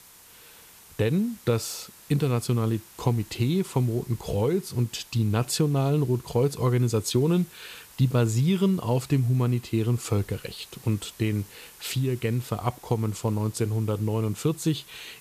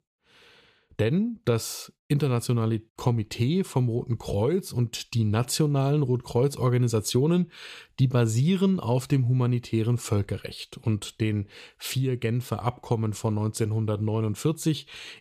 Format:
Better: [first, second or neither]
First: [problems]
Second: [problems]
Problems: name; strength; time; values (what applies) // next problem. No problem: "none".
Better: second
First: hiss; faint; throughout; 20 dB below the speech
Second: none